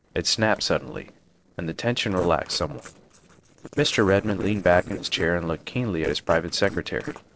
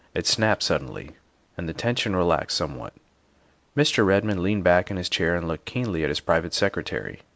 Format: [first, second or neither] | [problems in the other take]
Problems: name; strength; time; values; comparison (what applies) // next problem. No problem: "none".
second | noise reduction (neural separator model SepFormer DNS4)